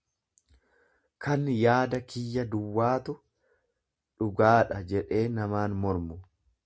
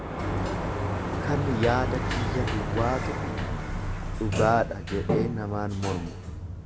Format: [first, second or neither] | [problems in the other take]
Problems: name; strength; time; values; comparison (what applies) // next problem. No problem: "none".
first | background sound (Sliding door); 1 dB above the speech